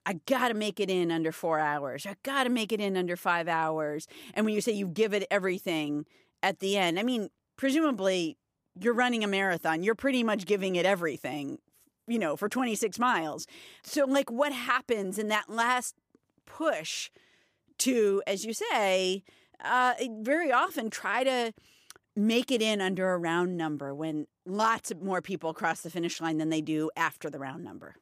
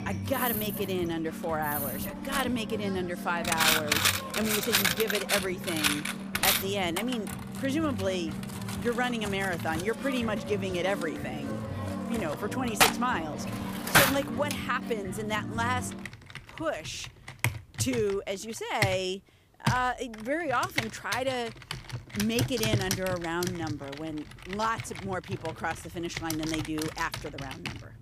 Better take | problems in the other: first | household noises; very loud; throughout; 1 dB above the speech

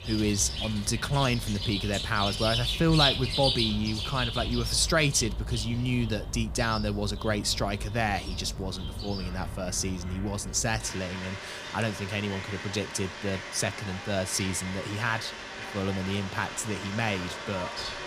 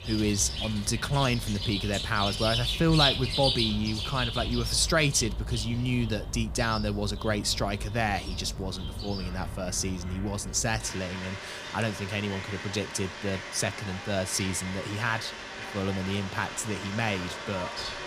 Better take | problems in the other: neither | animal sounds; loud; throughout; 4 dB below the speech; the same in both

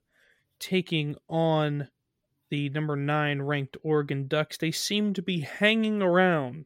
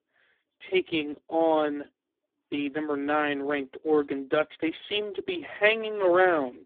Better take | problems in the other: first | phone-call audio; poor line; nothing above 3.5 kHz

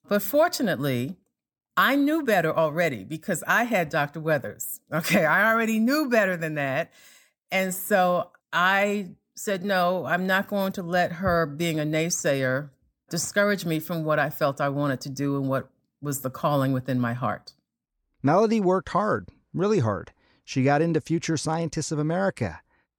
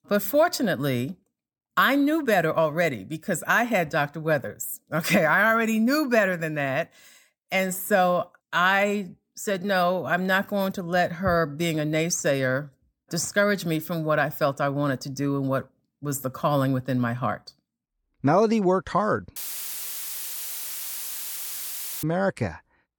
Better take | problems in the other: first | audio cutting out; filled with static; at 19 s for 2.5 s

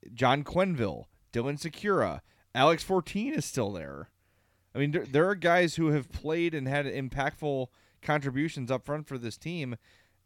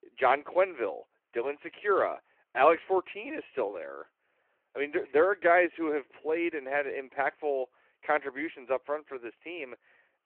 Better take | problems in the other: first | phone-call audio

